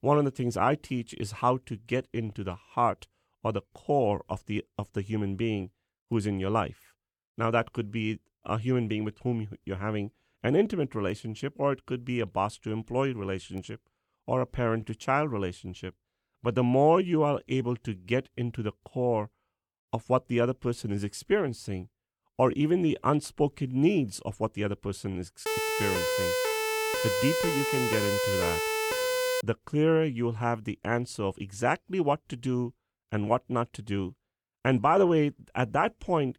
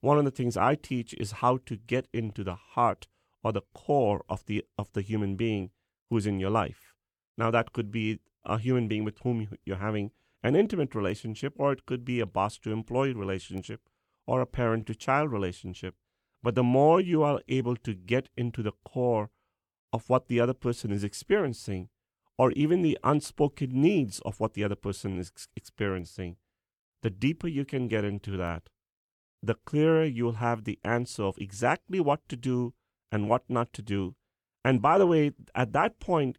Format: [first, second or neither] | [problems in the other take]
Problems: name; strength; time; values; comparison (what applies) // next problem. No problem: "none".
second | siren; loud; from 25 to 29 s; peak 2 dB above the speech